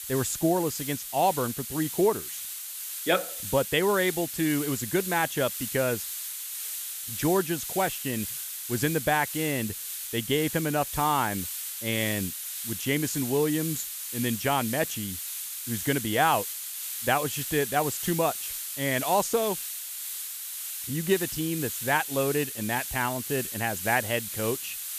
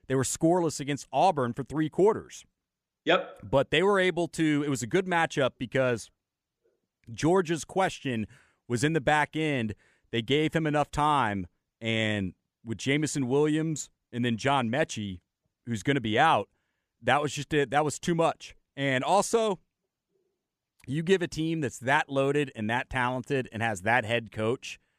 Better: second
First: hiss; loud; throughout; 5 dB below the speech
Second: none

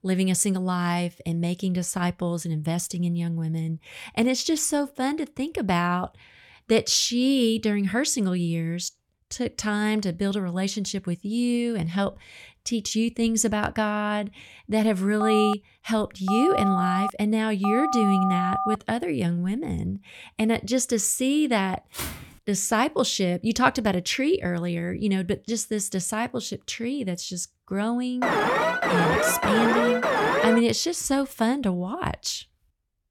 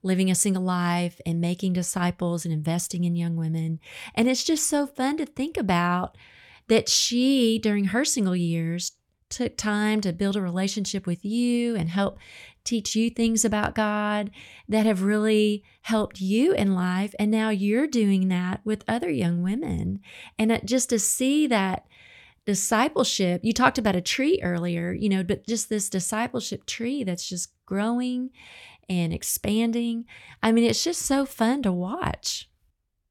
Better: second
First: phone ringing; noticeable; from 15 to 19 s; peak 1 dB below the speech // footsteps; noticeable; at 22 s; peak 8 dB below the speech // alarm; loud; from 28 to 31 s; peak 3 dB above the speech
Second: none

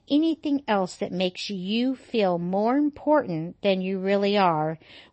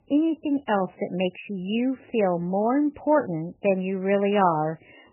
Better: first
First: garbled, watery; slightly; nothing above 8 kHz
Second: garbled, watery; badly; nothing above 3 kHz

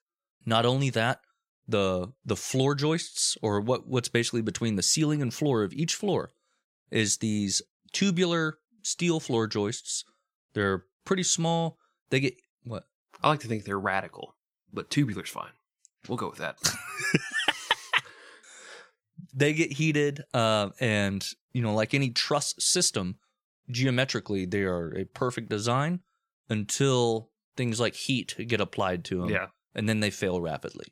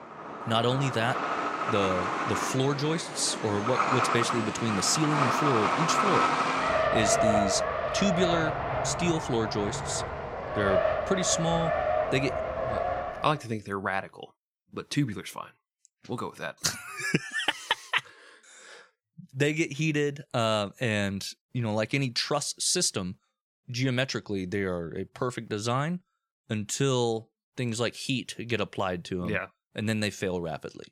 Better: first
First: none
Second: traffic noise; very loud; until 13 s; 1 dB above the speech

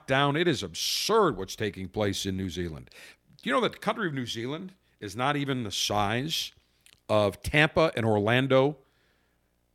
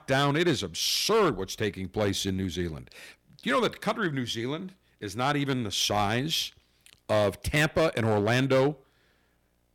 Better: first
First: none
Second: distortion; slight; 4% of the sound clipped

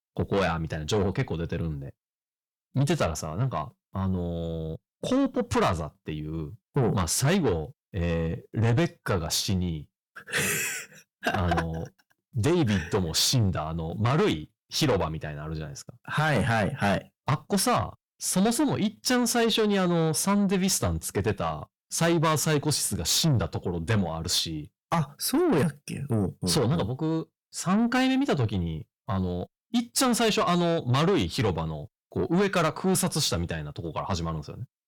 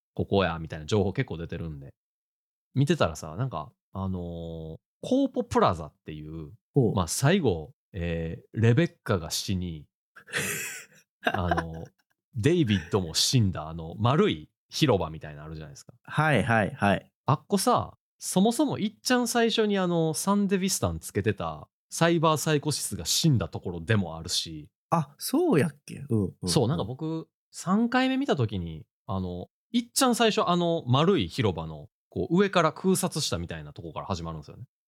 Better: second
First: distortion; heavy; 8 dB below the speech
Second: none

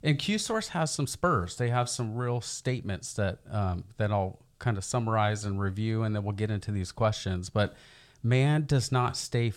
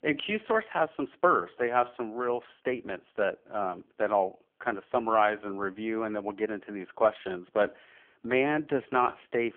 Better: first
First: none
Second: phone-call audio; poor line; nothing above 3.5 kHz

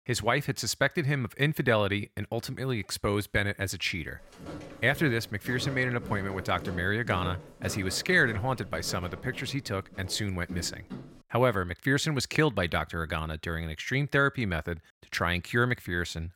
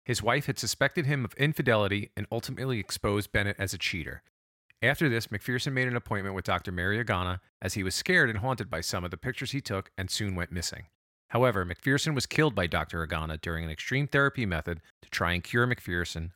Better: second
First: footsteps; noticeable; from 4 to 11 s; peak 9 dB below the speech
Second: none

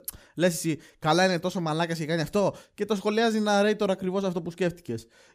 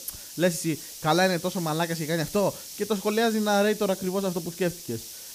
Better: first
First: none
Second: hiss; noticeable; throughout; 10 dB below the speech

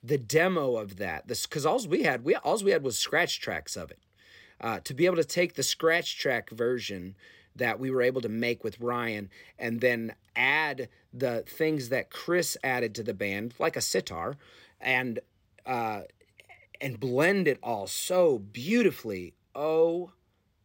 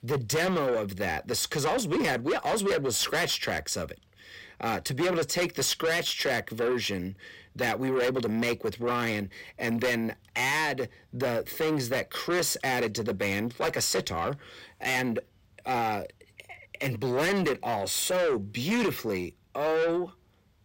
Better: first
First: none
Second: distortion; heavy; 6 dB below the speech

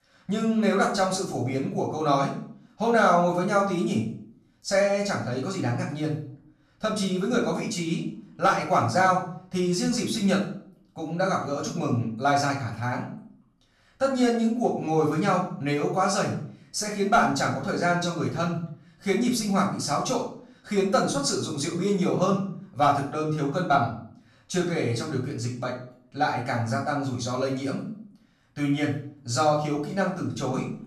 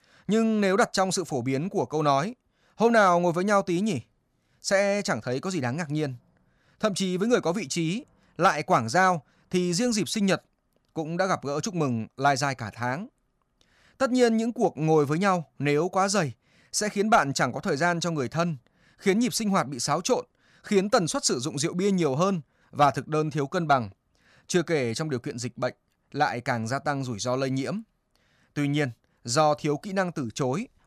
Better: second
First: off-mic speech; far // room echo; noticeable; dies away in 0.5 s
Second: none

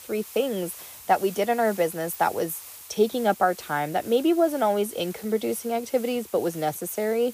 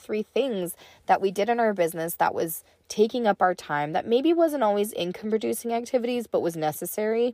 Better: second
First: hiss; noticeable; throughout; 15 dB below the speech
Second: none

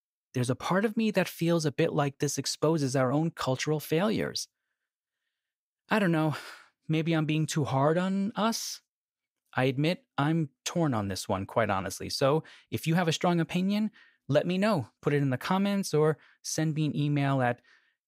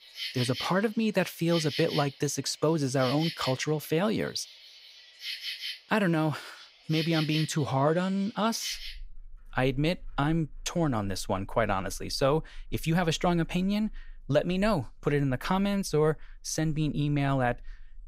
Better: first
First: none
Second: animal sounds; noticeable; throughout; 10 dB below the speech

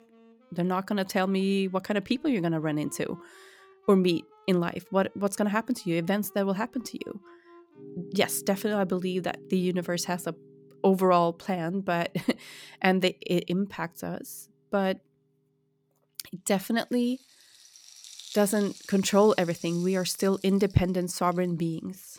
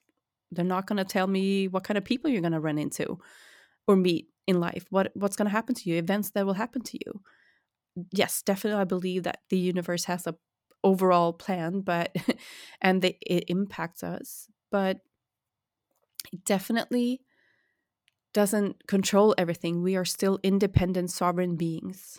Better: second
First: background music; faint; throughout; 20 dB below the speech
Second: none

